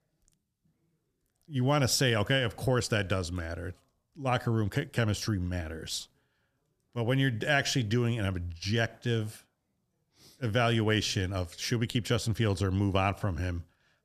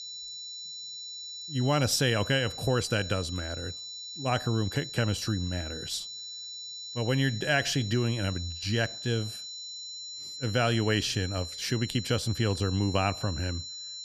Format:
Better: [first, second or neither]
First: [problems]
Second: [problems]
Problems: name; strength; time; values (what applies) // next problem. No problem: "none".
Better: first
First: none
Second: high-pitched whine; loud; throughout; 4 kHz, 8 dB below the speech